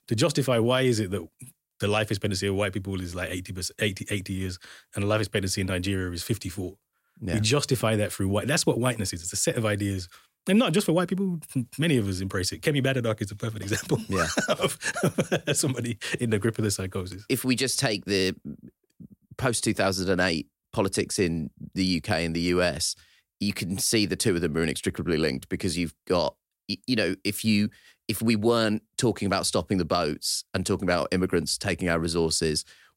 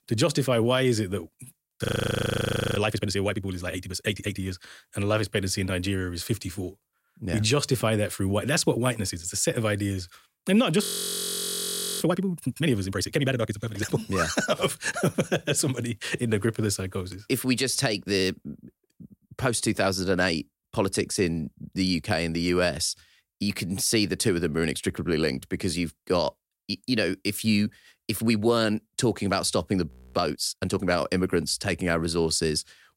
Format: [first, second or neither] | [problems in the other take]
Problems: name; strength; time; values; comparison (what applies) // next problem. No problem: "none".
first | audio freezing; at 2 s for 1 s, at 11 s for 1 s and at 30 s